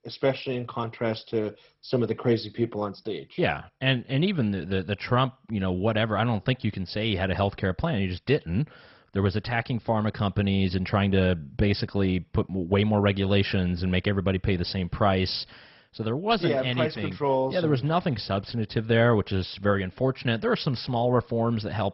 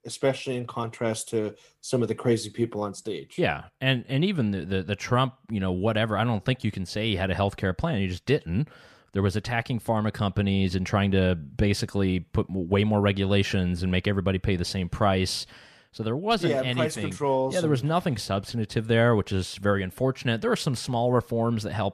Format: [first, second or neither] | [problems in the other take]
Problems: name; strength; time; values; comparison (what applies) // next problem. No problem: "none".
second | garbled, watery; badly; nothing above 5.5 kHz